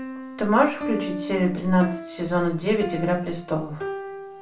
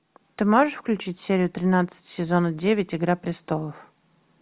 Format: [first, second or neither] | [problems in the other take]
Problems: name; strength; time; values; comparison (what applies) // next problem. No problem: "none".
second | background sound (Piano); 10 dB below the speech // room echo; dies away in 0.3 s